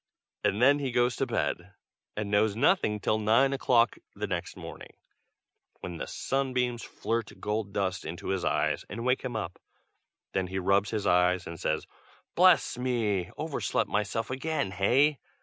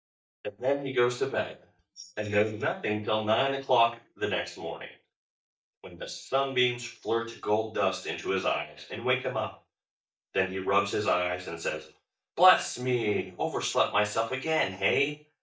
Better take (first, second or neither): first